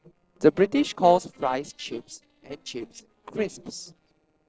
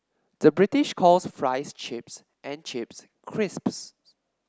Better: second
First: noise reduction (neural separator model SepFormer DNS4)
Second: none

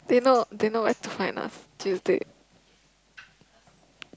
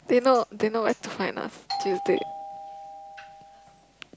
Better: first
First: none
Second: background sound (Doorbell); 9 dB below the speech

